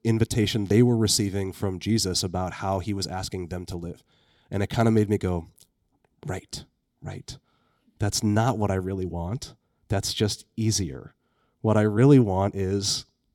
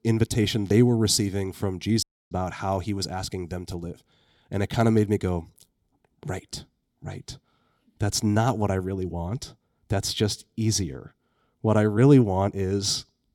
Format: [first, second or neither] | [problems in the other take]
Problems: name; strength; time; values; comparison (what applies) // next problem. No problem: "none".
first | audio cutting out; at 2 s